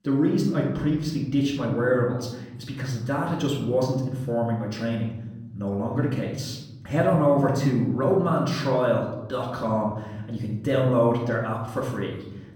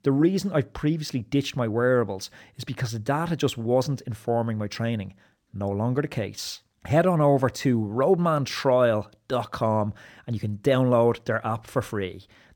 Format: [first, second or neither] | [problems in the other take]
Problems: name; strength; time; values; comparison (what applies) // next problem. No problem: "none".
second | off-mic speech; far // room echo; noticeable; dies away in 1.1 s